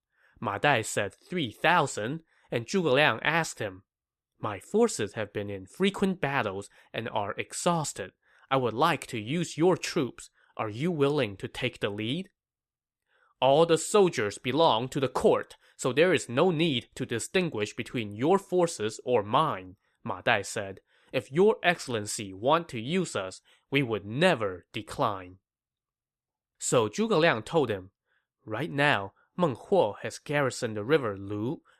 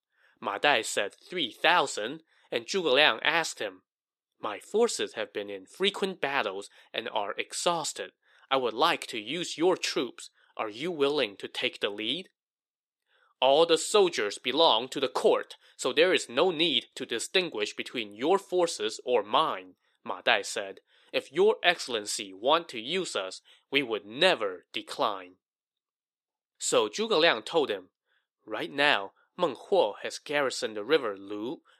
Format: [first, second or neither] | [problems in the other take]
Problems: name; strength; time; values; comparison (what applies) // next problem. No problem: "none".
first | thin; somewhat; fading below 350 Hz